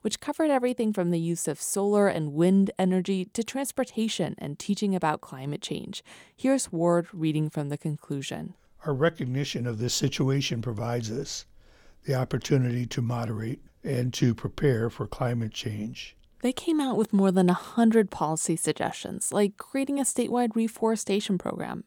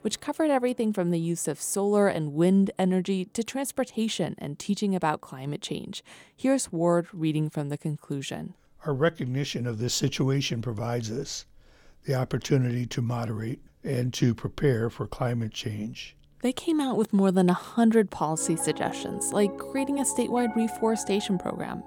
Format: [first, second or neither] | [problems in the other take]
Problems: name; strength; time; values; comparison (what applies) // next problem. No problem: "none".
first | background music; noticeable; throughout; 10 dB below the speech